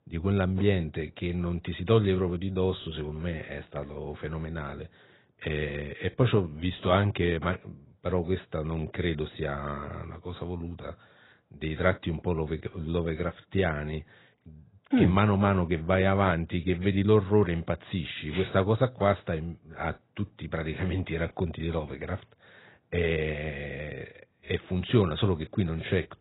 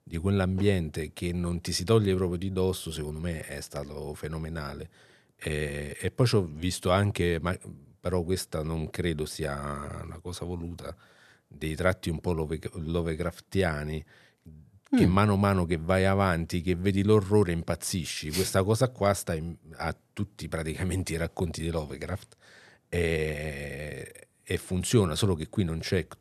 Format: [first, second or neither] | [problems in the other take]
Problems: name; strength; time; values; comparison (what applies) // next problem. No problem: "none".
second | garbled, watery; badly; nothing above 4 kHz